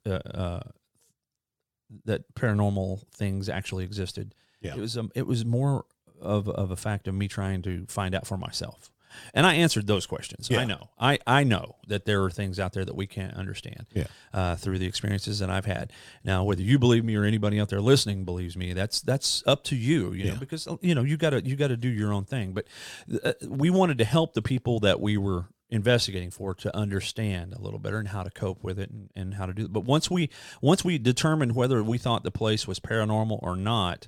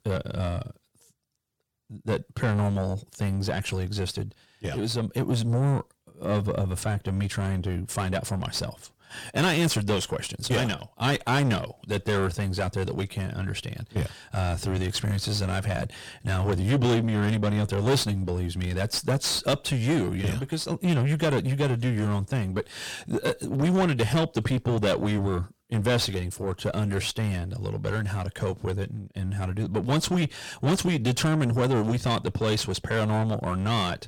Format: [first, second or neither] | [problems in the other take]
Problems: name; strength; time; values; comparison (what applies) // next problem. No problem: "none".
first | distortion; heavy; 6 dB below the speech